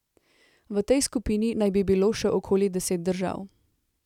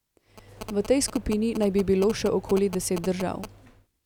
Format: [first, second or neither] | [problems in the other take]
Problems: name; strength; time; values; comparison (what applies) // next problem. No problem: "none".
first | background sound (Telephone); 15 dB below the speech